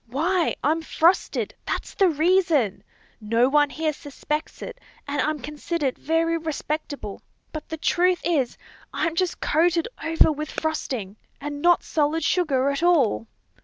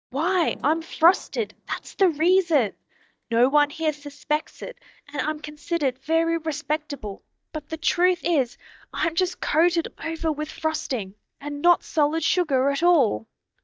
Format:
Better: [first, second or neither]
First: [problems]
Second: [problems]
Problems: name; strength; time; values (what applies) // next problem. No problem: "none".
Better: first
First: none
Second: noise reduction (neural mask model DeepFilterNet 3)